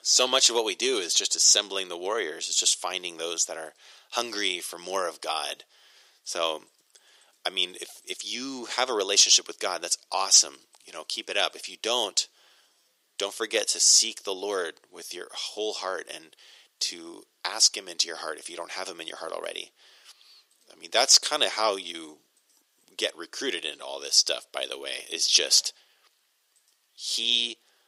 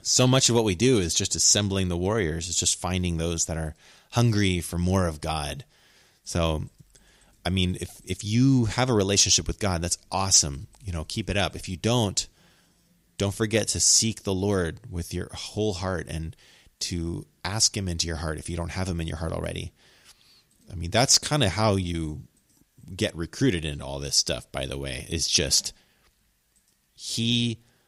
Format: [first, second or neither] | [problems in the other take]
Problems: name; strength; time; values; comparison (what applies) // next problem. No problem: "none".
second | thin; very; fading below 400 Hz